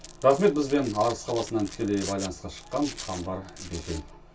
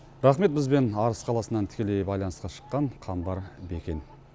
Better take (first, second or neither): second